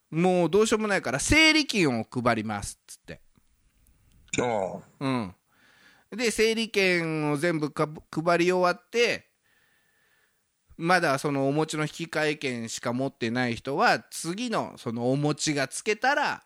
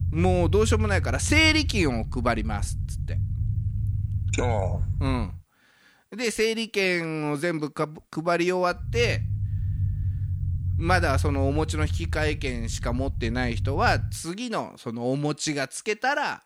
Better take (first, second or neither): first